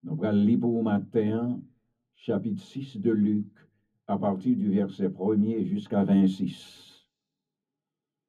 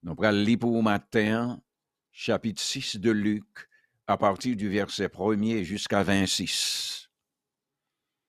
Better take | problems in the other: second | room echo; slight; dies away in 0.3 s // off-mic speech; far

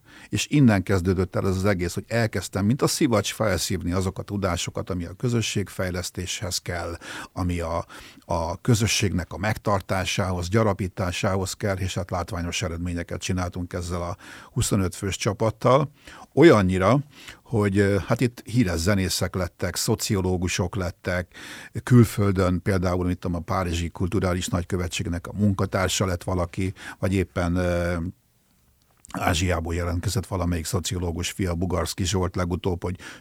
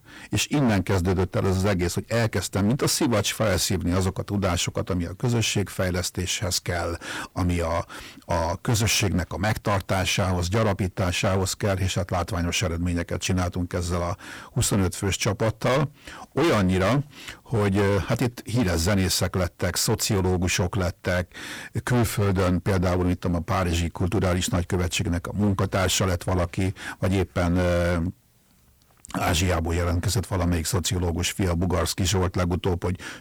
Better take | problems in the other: first | distortion; heavy; 14% of the sound clipped

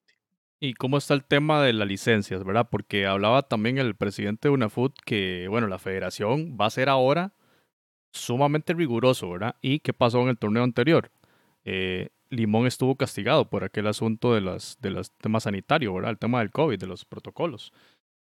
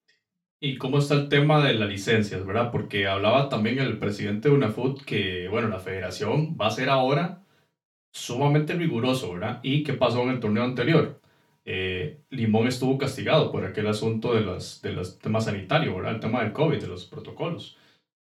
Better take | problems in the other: first | room echo; slight; dies away in 0.3 s // off-mic speech; far

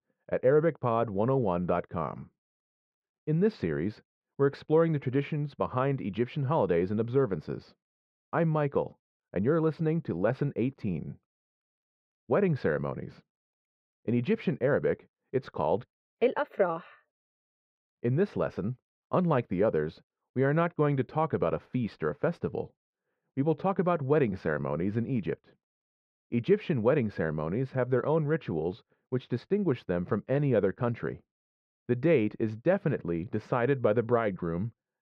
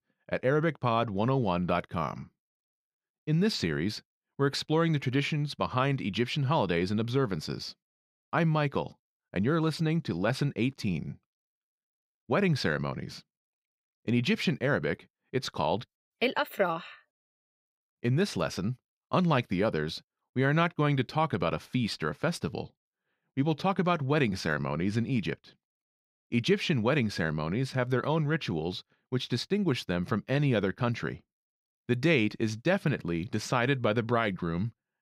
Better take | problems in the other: second | muffled; very; fading above 3.5 kHz

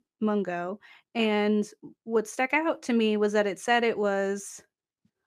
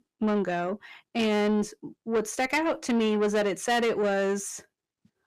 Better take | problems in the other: first | distortion; slight; 10 dB below the speech

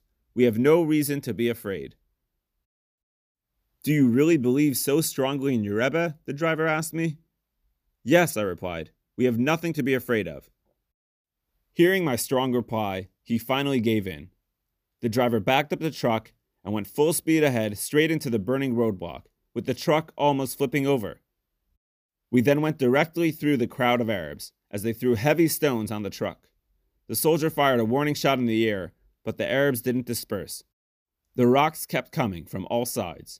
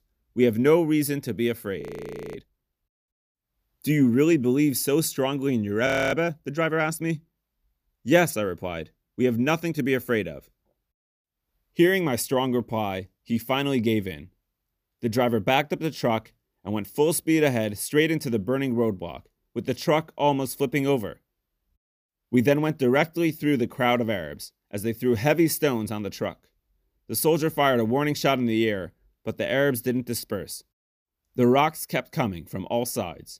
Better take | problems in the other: first | audio freezing; at 2 s for 0.5 s and at 6 s

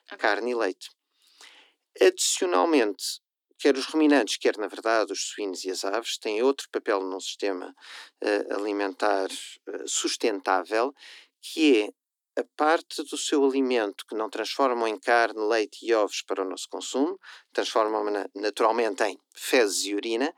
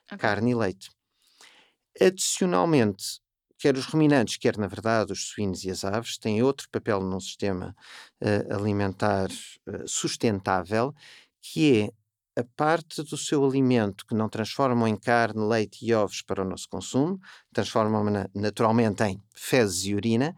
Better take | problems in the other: second | thin; very slightly; fading below 300 Hz

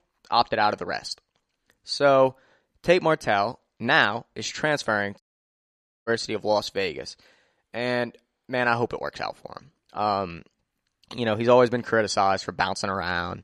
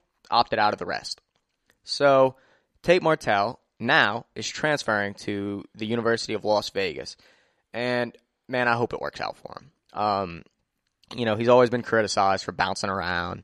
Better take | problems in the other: second | audio cutting out; at 5 s for 1 s

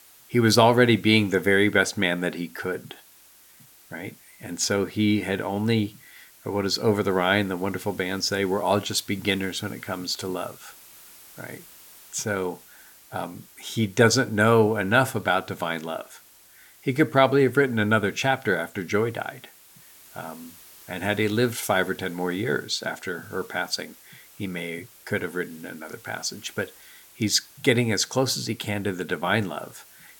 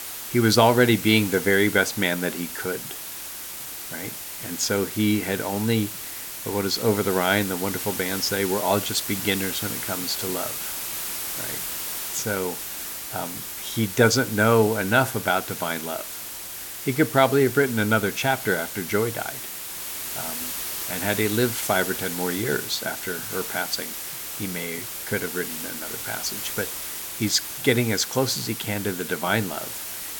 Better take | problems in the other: first | hiss; loud; throughout; 6 dB below the speech; faint in the first

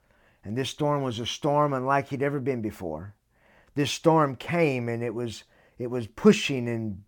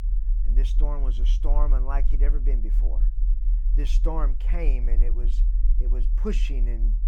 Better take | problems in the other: first | low rumble; noticeable; throughout; 10 dB below the speech

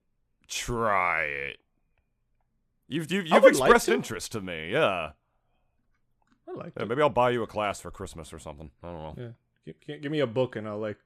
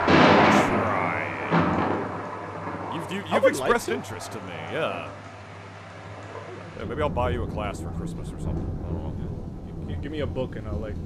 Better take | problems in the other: first | rain or running water; very loud; throughout; 3 dB above the speech

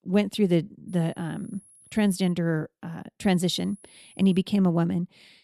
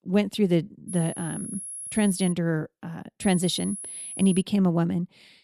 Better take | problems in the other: first | high-pitched whine; loud; from 1 to 2.5 s and from 3 to 4.5 s; 10.5 kHz, 9 dB below the speech; faint in the first

